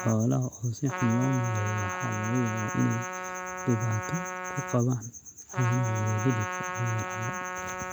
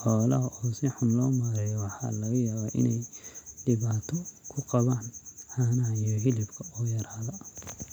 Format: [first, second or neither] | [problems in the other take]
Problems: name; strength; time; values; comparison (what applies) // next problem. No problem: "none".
second | background sound (Trumpet); 6 dB below the speech